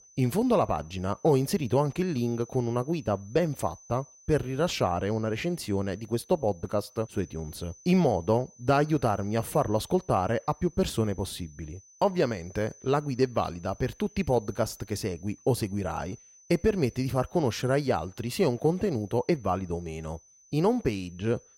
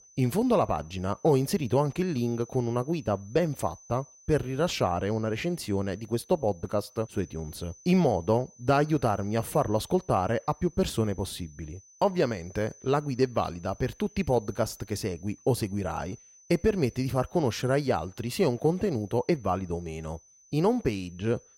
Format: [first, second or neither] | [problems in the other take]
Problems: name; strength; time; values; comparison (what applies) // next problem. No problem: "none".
neither | high-pitched whine; faint; throughout; 6 kHz, 25 dB below the speech; the same in both